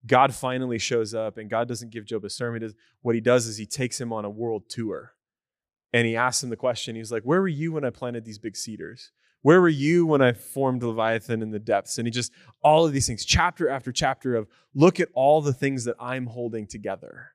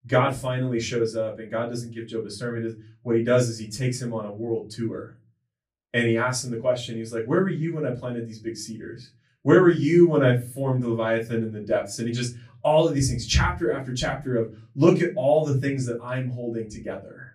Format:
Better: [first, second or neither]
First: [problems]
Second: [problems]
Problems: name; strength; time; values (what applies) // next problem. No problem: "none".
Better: first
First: none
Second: off-mic speech; far // room echo; very slight; dies away in 0.3 s